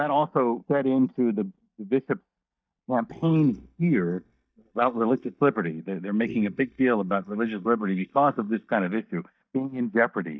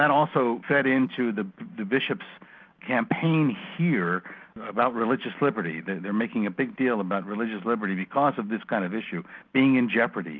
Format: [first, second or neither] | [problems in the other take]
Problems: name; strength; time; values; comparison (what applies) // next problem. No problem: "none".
second | noise reduction (neural mask model DeepFilterNet 3)